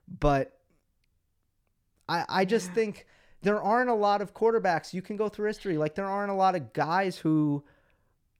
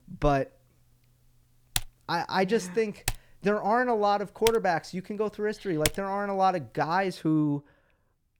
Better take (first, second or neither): first